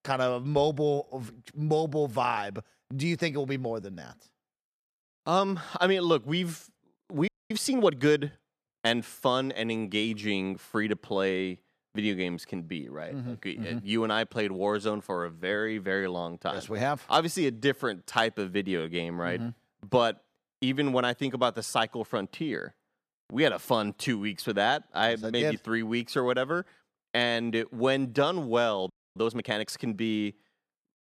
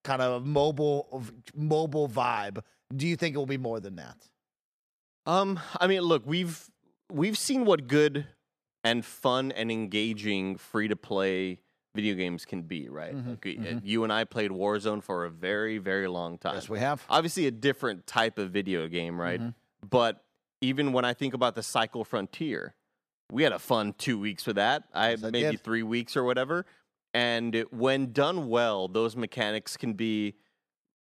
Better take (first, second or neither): second